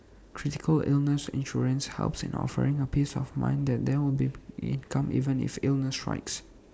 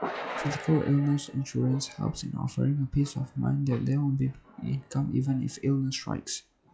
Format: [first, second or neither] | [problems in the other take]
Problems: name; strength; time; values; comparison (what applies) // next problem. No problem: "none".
first | noise reduction (classical method log-MMSE)